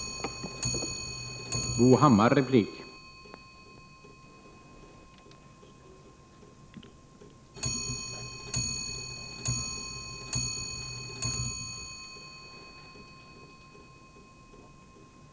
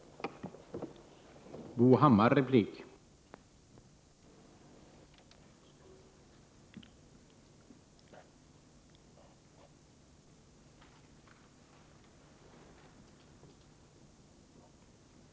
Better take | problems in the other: second | background sound (Clock); 6 dB below the speech

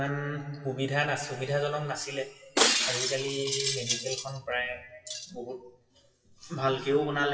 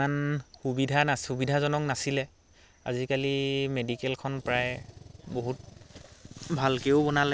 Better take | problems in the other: second | noise reduction (classical method WPE with log-MMSE)

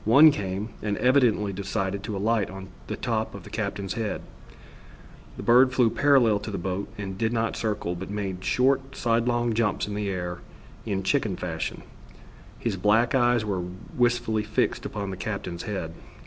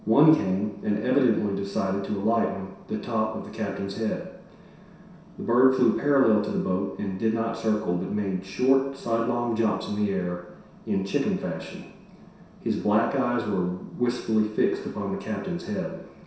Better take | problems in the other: first | room echo; dies away in 0.7 s

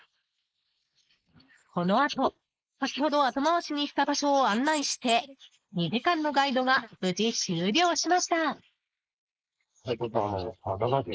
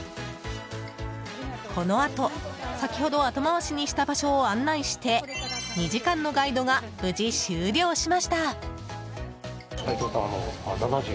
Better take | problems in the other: second | noise reduction (neural mask model Resemble Enhance denoiser)

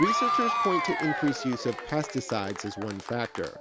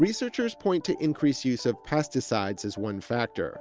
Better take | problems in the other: second | background sound (Applause / Crowd / Cheering); 1 dB below the speech

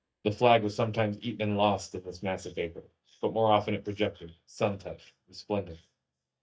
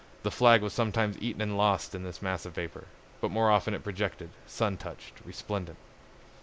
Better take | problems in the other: second | noise reduction (neural mask model DeepFilterNet 3)

